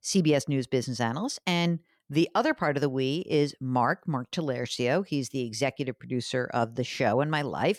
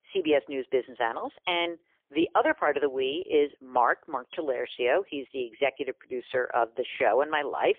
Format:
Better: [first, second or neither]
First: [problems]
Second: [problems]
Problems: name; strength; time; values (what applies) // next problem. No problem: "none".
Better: first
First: none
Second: phone-call audio; poor line; nothing above 3.5 kHz